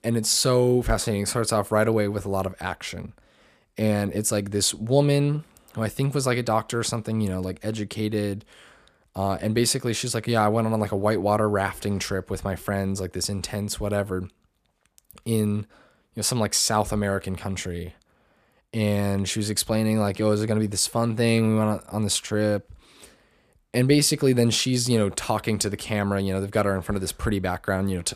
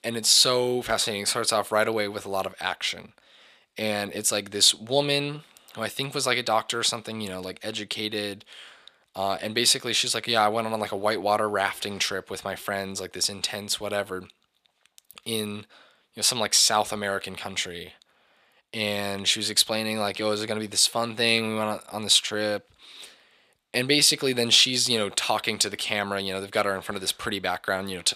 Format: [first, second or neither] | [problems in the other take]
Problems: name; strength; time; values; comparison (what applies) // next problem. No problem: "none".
first | thin; somewhat; fading below 1 kHz